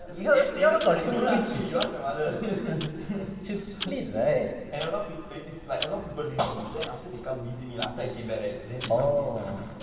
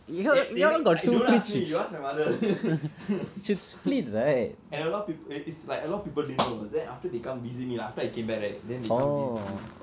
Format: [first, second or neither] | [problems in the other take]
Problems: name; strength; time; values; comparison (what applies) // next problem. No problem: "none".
second | background sound (Tick-tock); 14 dB below the speech // room echo; dies away in 2.3 s